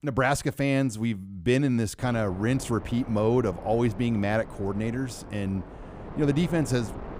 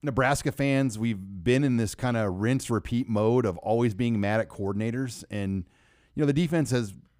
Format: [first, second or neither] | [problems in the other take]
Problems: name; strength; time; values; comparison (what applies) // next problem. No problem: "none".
second | wind noise on the microphone; occasional gusts; from 2 s on; 15 dB below the speech